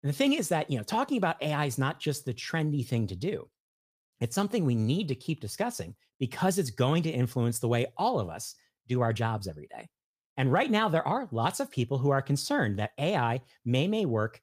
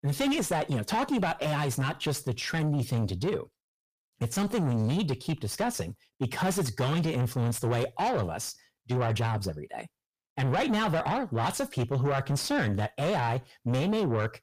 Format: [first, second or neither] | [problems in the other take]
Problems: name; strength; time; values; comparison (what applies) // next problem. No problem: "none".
first | distortion; heavy; 6 dB below the speech